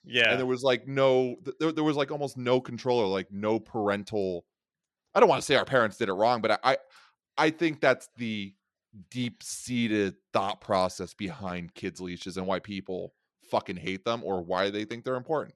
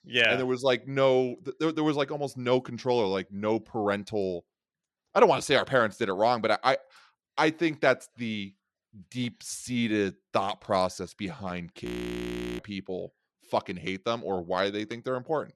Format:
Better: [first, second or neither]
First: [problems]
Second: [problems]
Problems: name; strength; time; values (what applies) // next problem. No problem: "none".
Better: first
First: none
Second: audio freezing; at 12 s for 0.5 s